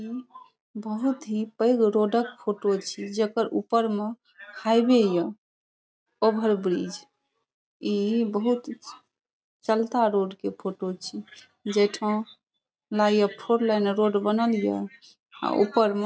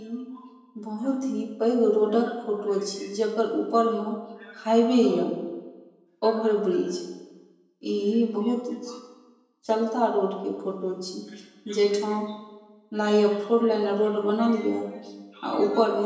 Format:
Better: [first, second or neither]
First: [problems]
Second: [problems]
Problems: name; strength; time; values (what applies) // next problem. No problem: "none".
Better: first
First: none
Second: room echo; dies away in 1 s